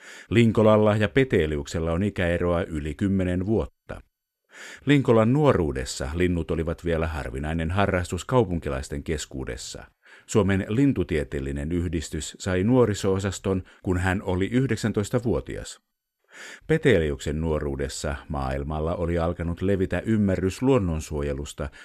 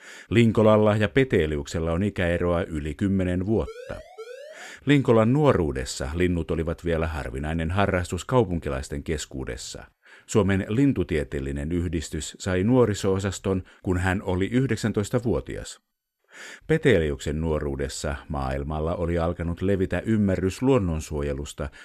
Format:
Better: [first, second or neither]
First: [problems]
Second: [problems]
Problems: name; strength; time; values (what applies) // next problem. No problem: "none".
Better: first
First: none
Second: siren; faint; from 3.5 to 4.5 s; peak 15 dB below the speech